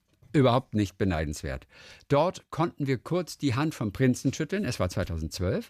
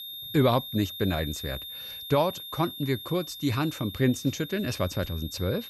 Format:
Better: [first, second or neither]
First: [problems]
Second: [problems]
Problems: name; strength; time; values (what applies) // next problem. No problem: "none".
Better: first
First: none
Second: high-pitched whine; loud; throughout; 3.5 kHz, 10 dB below the speech